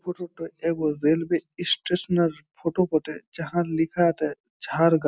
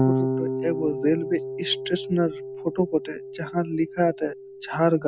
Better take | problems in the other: first | background sound (Electric guitar / Bass guitar); 4 dB below the speech

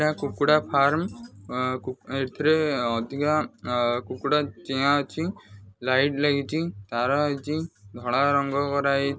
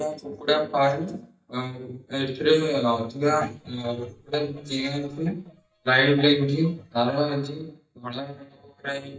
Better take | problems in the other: first | noise reduction (neural mask model DeepFilterNet 3)

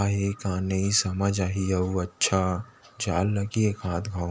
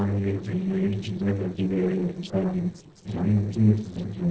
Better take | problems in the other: first | noise reduction (neural separator model SepFormer DNS4)

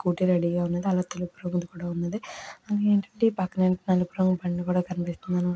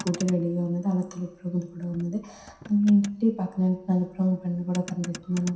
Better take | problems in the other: first | background sound (Motor vehicle (road)); 19 dB below the speech // room echo; dies away in 0.7 s

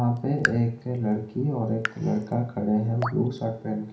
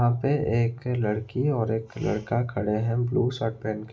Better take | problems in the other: second | background sound (Raindrop / Drip); 10 dB below the speech // room echo; dies away in 0.5 s

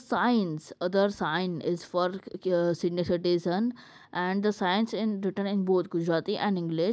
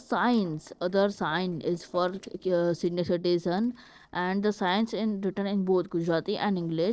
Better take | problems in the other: first | noise reduction (neural separator model SepFormer DNS4)

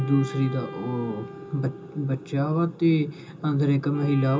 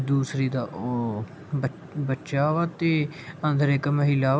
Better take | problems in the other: second | background sound (Wind instrument, woodwind instrument); 16 dB below the speech // room echo; dies away in 0.2 s

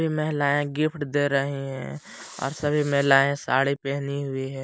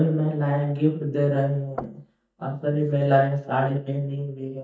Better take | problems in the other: first | noise reduction (neural mask model DeepFilterNet 3)

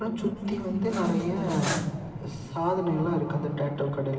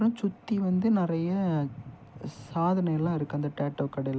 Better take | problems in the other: second | background sound (Cutlery, silverware); 10 dB below the speech // room echo; dies away in 2.8 s

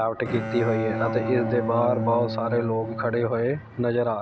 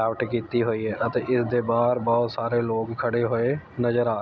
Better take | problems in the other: second | background sound (Bowed string instrument); 6 dB below the speech

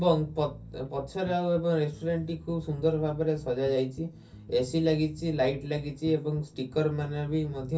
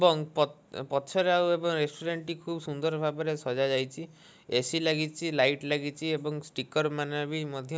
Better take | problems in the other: second | background sound (Bass guitar); 17 dB below the speech // room echo; dies away in 0.3 s

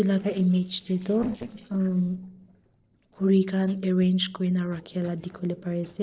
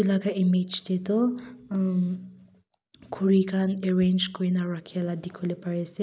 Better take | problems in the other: second | noise reduction (neural separator model SepFormer DNS4)

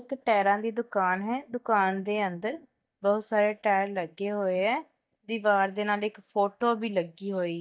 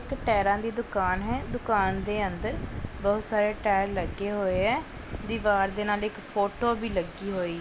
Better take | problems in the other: second | noise reduction (neural mask model DeepFilterNet 3)

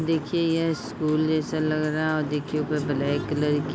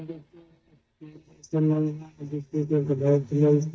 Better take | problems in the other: first | noise reduction (neural mask model DeepFilterNet 3)

